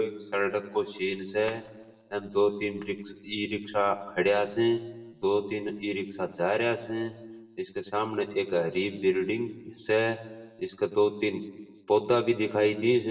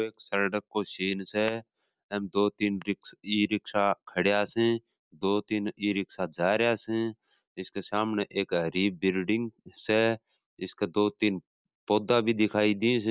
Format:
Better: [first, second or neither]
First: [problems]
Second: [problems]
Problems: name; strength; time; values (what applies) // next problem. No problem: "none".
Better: second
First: room echo; dies away in 1.2 s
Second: none